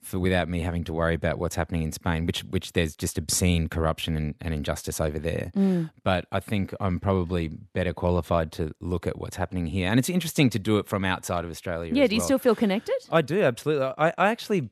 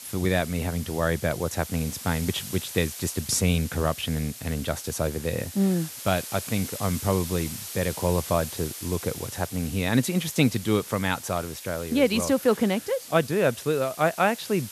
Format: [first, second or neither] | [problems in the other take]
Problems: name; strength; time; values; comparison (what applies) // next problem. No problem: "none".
first | hiss; noticeable; throughout; 10 dB below the speech